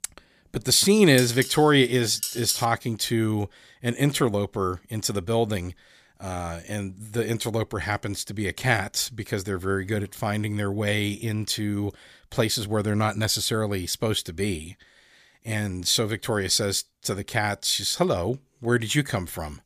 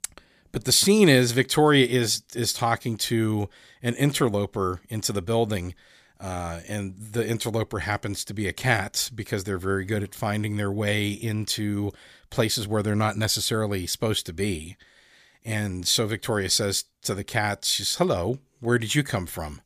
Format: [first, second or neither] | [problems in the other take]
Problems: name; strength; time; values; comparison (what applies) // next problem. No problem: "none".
second | clattering dishes; noticeable; from 1 to 2.5 s; peak 2 dB below the speech